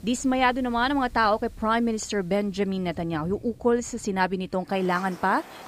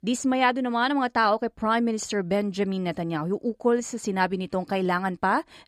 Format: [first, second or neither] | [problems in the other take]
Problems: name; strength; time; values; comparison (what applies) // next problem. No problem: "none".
second | rain or running water; faint; throughout; 20 dB below the speech